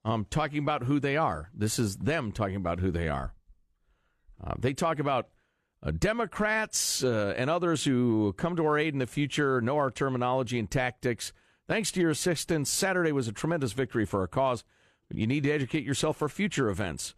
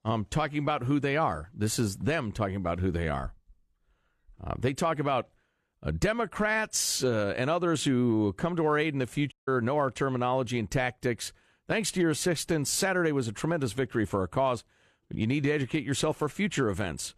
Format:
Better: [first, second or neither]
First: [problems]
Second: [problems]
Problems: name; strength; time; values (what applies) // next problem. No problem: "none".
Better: first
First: none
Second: audio cutting out; at 9.5 s